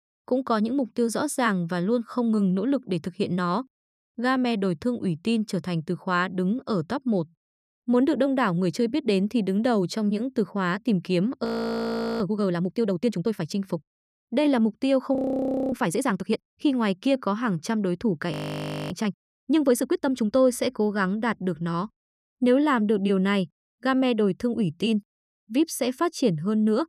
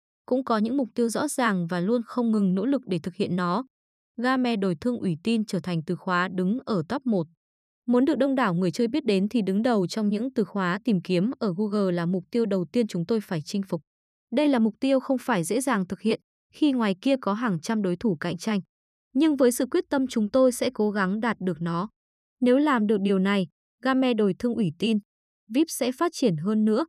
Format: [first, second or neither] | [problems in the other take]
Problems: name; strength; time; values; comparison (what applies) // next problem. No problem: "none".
second | audio freezing; at 11 s for 1 s, at 15 s for 0.5 s and at 18 s for 0.5 s